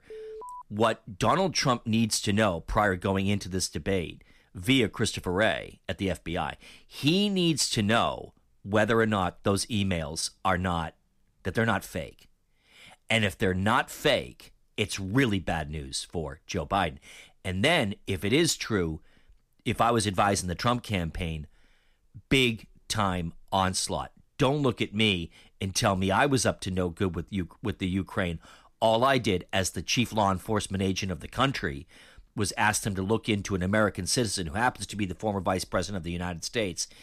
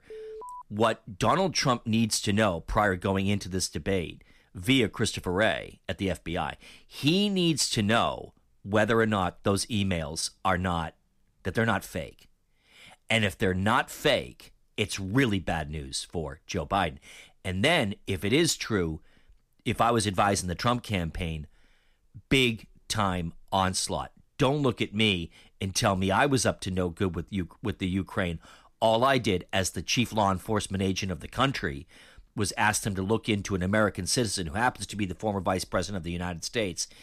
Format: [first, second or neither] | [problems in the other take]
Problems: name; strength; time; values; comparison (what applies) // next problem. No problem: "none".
neither | alarm; faint; at the start; peak 15 dB below the speech; the same in both